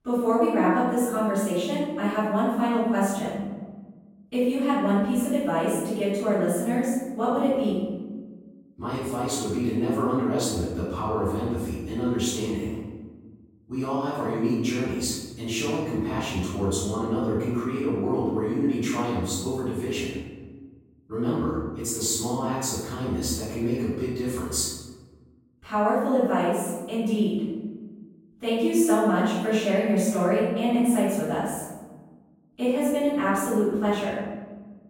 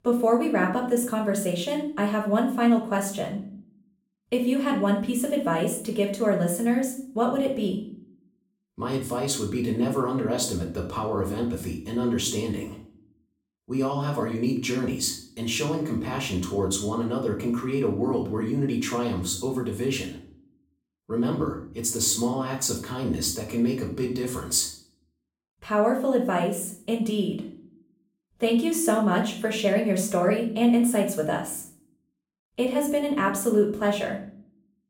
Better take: second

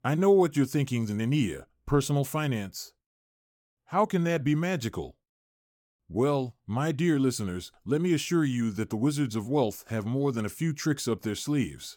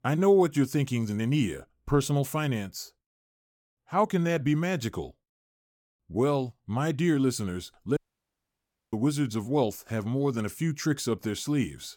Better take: first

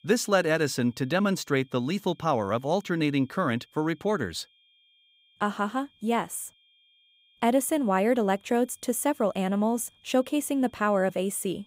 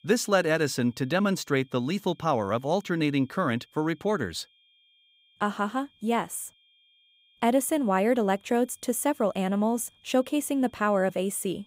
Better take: neither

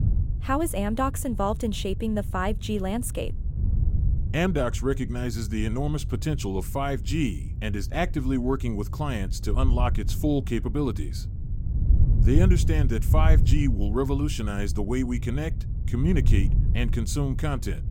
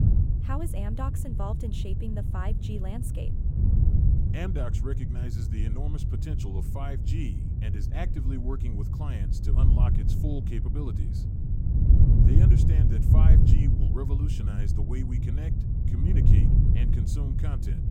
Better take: first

